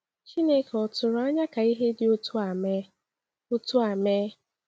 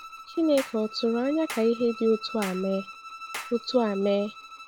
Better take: first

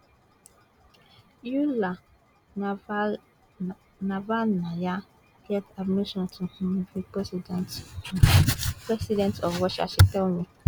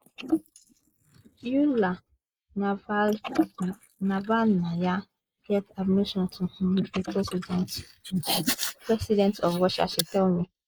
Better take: first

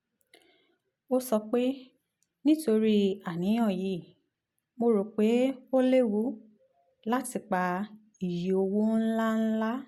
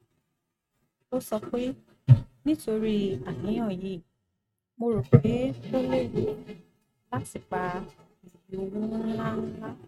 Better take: first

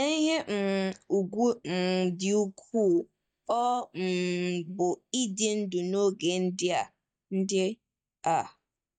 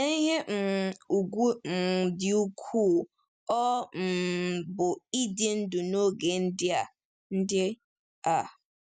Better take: second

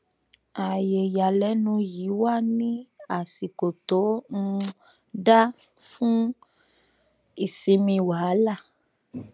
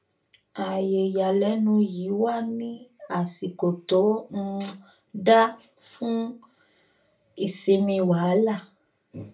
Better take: first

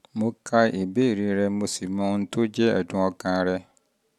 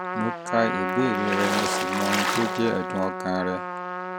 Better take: first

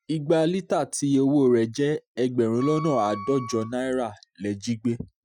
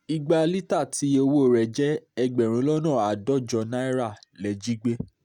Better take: second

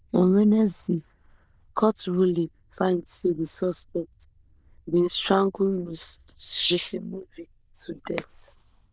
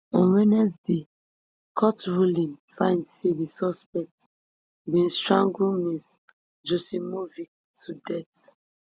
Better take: second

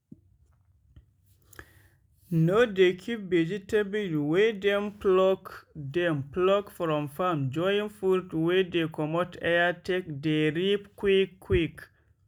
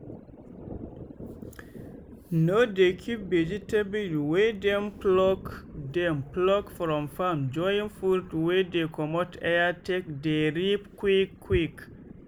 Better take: first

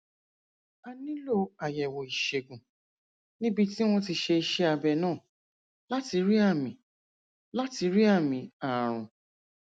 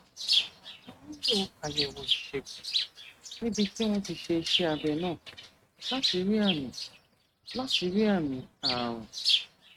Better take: first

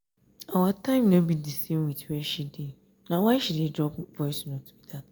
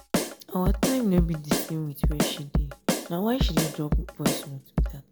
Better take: first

